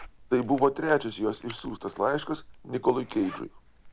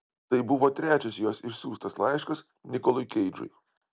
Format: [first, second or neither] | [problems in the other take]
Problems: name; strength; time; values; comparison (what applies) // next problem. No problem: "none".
second | background sound (Zipper (clothing)); 19 dB below the speech